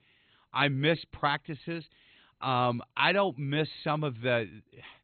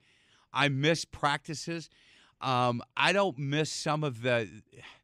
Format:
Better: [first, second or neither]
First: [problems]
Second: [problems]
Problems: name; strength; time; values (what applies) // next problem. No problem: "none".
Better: second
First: garbled, watery; badly; nothing above 4 kHz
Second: none